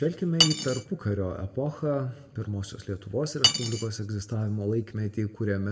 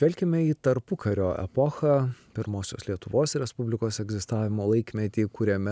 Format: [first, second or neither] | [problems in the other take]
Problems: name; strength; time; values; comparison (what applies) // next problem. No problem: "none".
second | background sound (Cutlery, silverware); 2 dB below the speech // room echo; dies away in 1.3 s